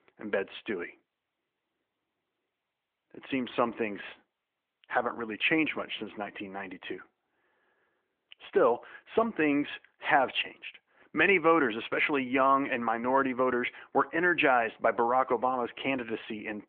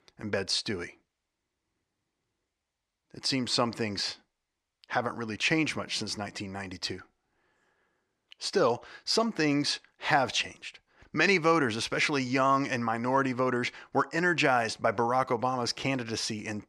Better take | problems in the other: second | phone-call audio

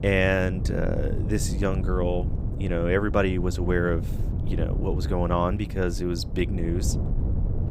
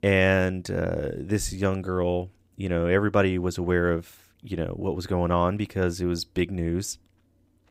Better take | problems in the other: second | wind noise on the microphone; occasional gusts; 15 dB below the speech

